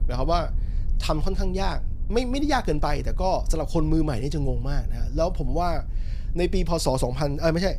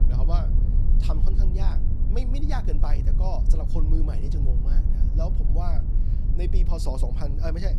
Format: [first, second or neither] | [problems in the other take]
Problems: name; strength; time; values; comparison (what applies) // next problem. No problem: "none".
first | low rumble; loud; throughout; 5 dB below the speech; faint in the first